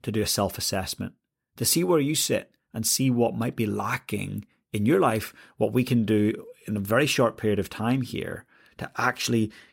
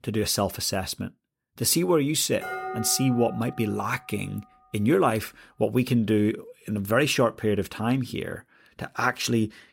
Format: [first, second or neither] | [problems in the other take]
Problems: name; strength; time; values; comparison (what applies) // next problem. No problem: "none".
first | clattering dishes; noticeable; from 2.5 to 4 s; peak 7 dB below the speech